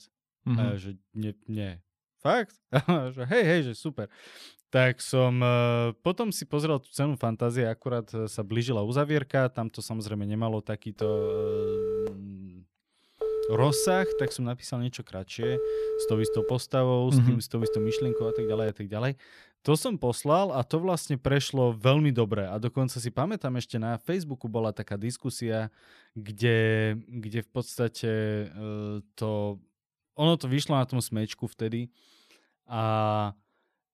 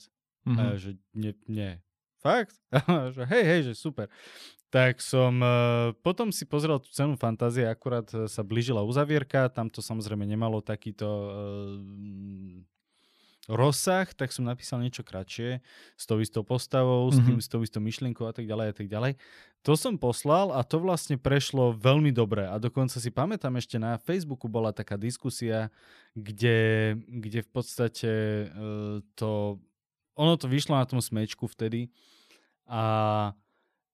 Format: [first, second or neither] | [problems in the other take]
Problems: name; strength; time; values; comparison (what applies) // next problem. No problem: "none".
second | phone ringing; noticeable; from 11 to 19 s; peak 1 dB below the speech